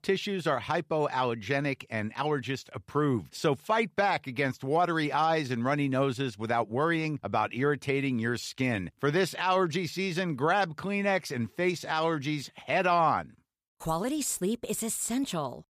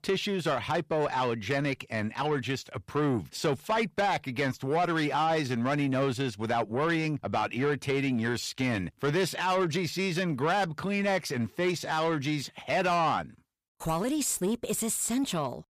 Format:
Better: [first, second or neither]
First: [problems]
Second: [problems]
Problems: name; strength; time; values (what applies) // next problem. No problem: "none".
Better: first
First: none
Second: distortion; slight; 10 dB below the speech